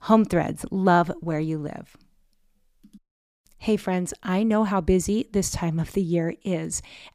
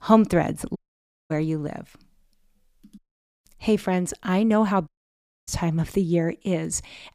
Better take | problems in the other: first | audio cutting out; at 1 s for 0.5 s and at 5 s for 0.5 s

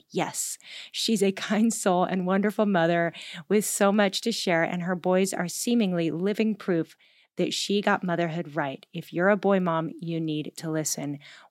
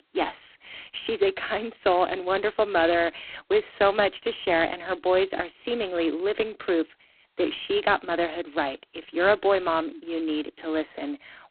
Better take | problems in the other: first | phone-call audio; poor line; nothing above 4 kHz

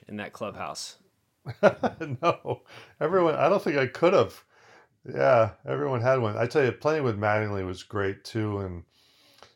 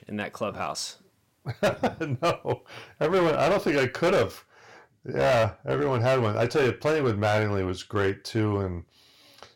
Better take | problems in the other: first | distortion; heavy; 10% of the sound clipped

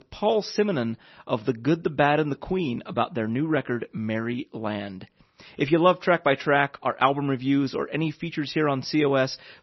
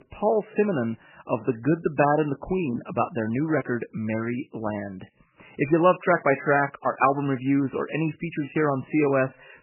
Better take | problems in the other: first | garbled, watery; badly; nothing above 2.5 kHz; slightly in the first

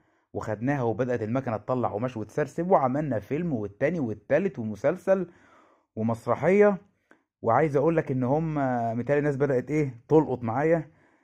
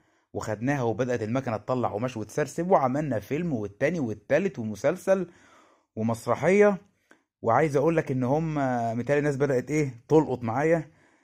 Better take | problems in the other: second | muffled; slightly; fading above 2.5 kHz

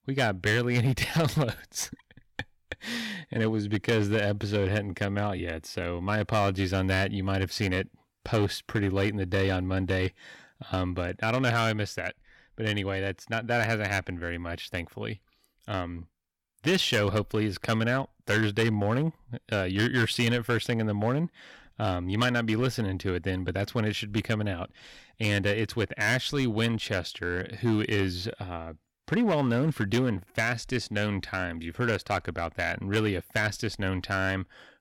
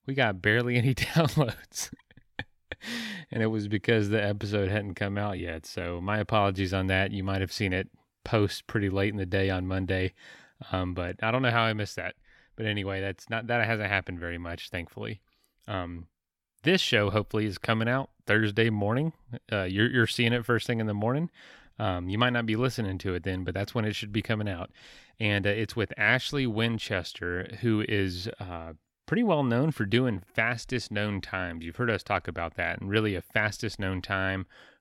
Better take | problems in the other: second | distortion; slight; 4% of the sound clipped

